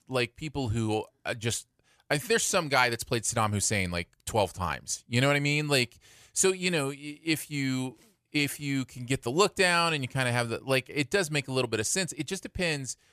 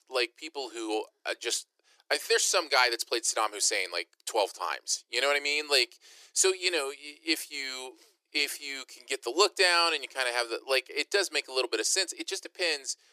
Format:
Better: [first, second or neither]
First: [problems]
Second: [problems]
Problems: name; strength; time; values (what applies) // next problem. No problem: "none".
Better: first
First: none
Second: thin; very; fading below 350 Hz